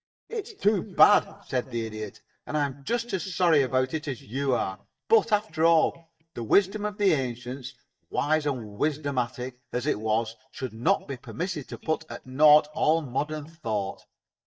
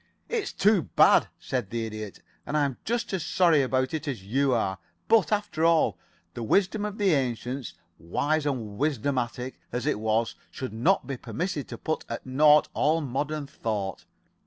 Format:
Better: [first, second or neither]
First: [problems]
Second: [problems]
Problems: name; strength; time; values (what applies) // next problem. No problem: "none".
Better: second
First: noise reduction (neural mask model DeepFilterNet 3)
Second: none